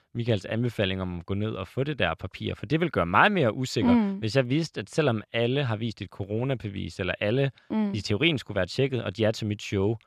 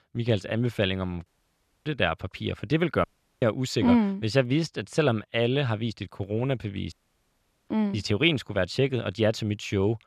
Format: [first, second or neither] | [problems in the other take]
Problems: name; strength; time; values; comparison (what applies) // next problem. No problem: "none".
first | audio cutting out; at 1.5 s for 0.5 s, at 3 s and at 7 s for 1 s